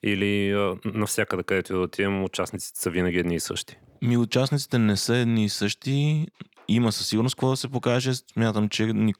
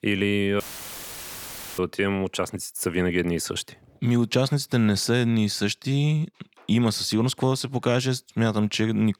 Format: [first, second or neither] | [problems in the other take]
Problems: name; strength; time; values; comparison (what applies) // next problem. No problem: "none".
first | audio cutting out; filled with static; at 0.5 s for 1 s